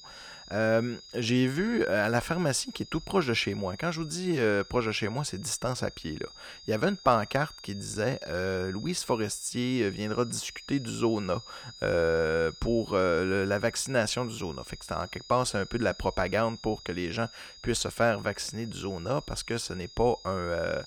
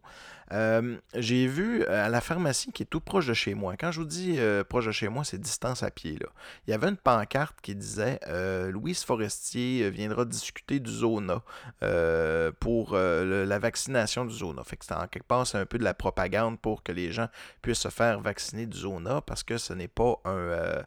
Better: second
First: high-pitched whine; noticeable; throughout; 5 kHz, 15 dB below the speech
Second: none

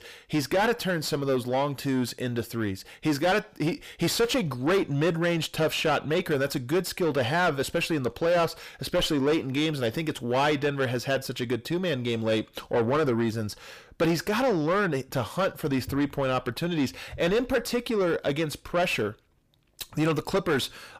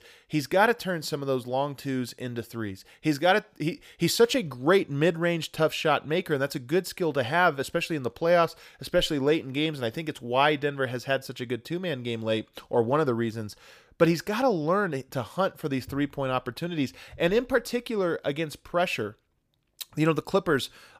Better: second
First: distortion; heavy; 7 dB below the speech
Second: none

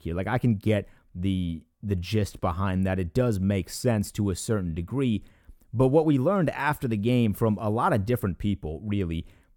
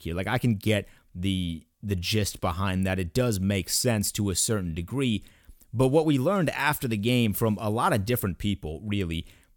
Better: second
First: muffled; slightly; fading above 2 kHz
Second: none

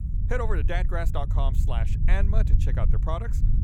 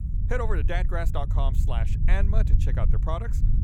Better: neither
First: low rumble; loud; throughout; 9 dB below the speech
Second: low rumble; loud; throughout; 9 dB below the speech

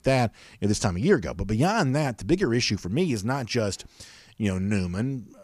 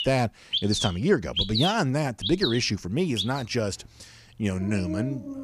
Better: first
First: none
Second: animal sounds; loud; throughout; 4 dB below the speech

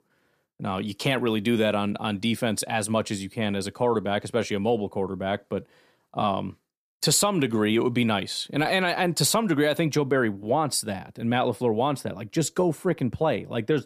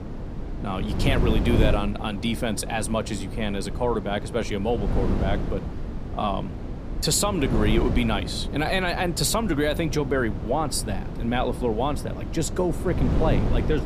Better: first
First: none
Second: wind noise on the microphone; heavy; 9 dB below the speech

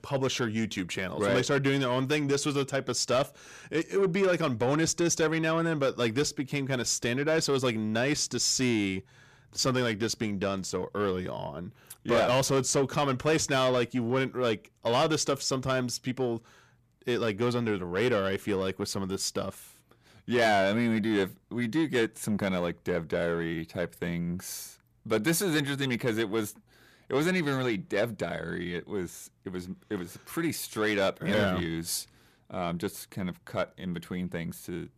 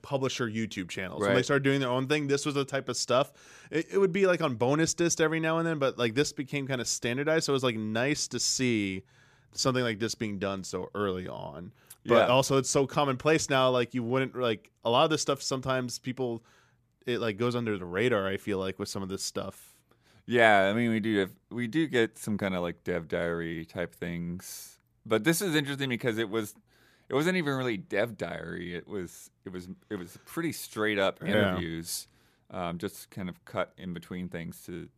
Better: second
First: distortion; slight; 10 dB below the speech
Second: none

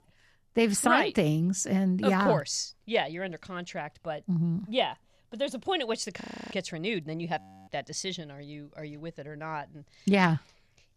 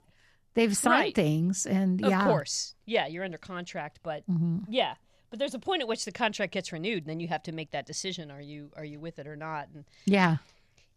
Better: second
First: audio freezing; at 6 s and at 7.5 s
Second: none

